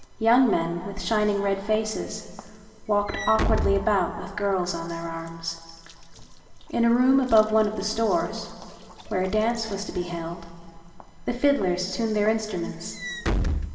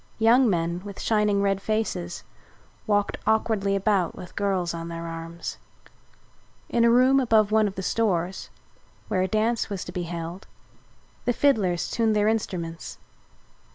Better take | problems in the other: second | background sound (Walk, footsteps / Slam); 9 dB below the speech // room echo; dies away in 2.1 s

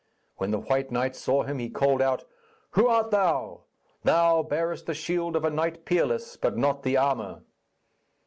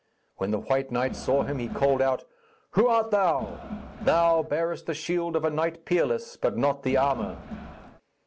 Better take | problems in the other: first | background sound (Crowd); 12 dB below the speech

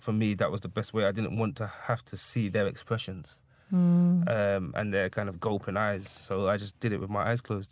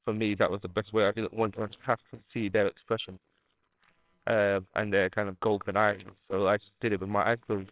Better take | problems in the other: first | noise reduction (neural separator model SepFormer WHAMR!)

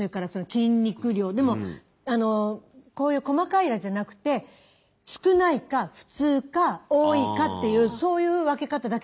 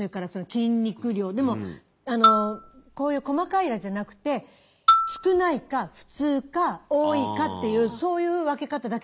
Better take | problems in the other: first | background sound (Marimba, xylophone); 1 dB below the speech

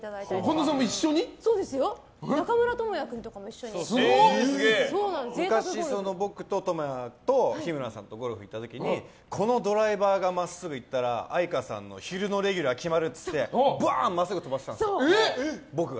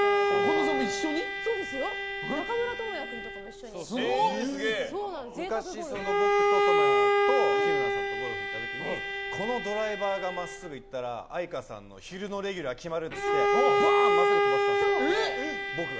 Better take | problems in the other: first | background sound (Bowed string instrument); 5 dB above the speech

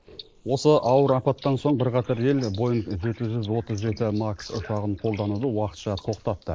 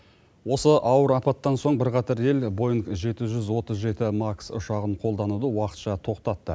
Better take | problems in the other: second | noise reduction (neural mask model Resemble Enhance denoiser)

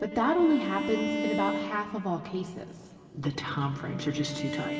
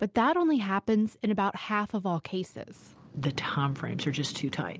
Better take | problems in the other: second | background sound (Bowed string instrument); 6 dB below the speech // room echo; dies away in 2.6 s

